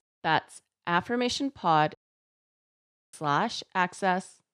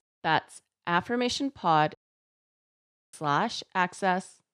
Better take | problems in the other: neither | audio cutting out; at 2 s for 1 s; the same in both

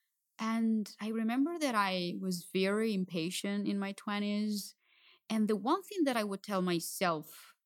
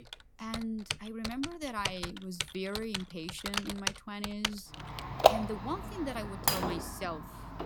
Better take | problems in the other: first | household noises; very loud; throughout; 5 dB above the speech

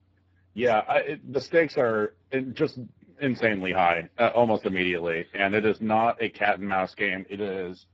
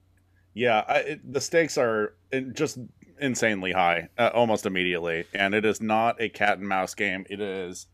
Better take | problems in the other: second | garbled, watery; badly

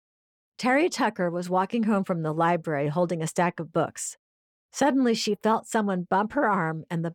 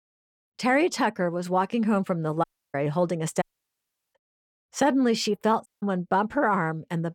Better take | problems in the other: first | audio cutting out; at 2.5 s, at 3.5 s for 0.5 s and at 5.5 s

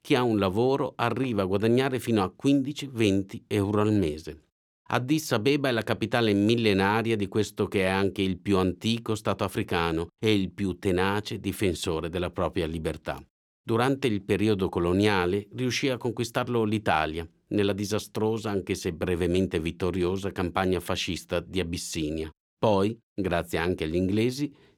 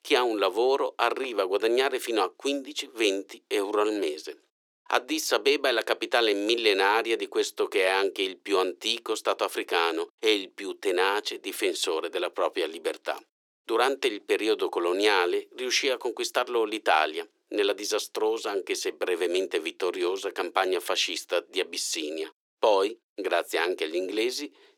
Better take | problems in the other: first | thin; very; fading below 350 Hz

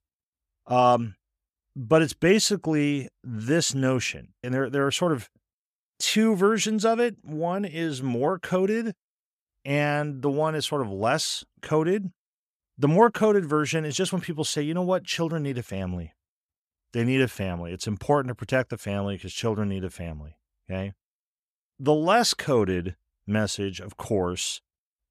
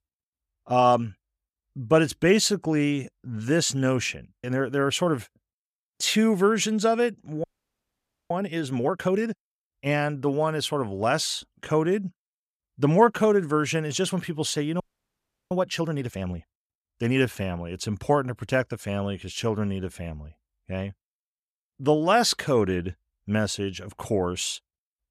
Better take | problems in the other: first | audio freezing; at 7.5 s for 1 s and at 15 s for 0.5 s

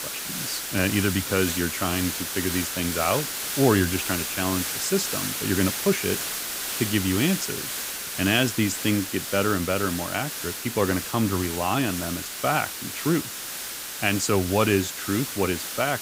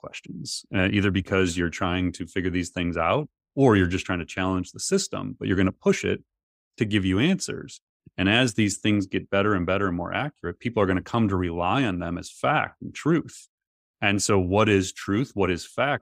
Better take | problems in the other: second | hiss; loud; throughout; 3 dB below the speech

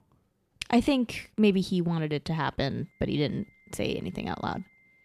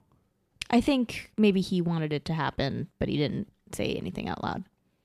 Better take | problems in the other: second | high-pitched whine; faint; from 3 s on; 2 kHz, 30 dB below the speech

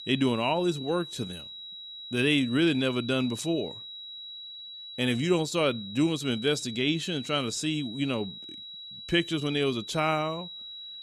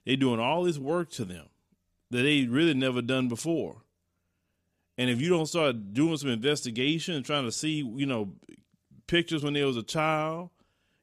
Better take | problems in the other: second | high-pitched whine; noticeable; throughout; 4 kHz, 10 dB below the speech

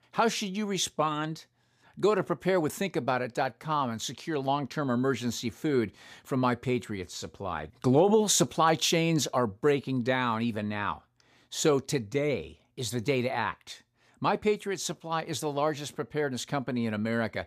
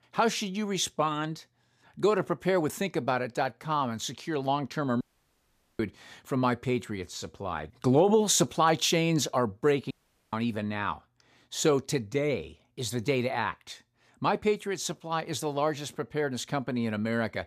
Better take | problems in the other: first | audio cutting out; at 5 s for 1 s and at 10 s

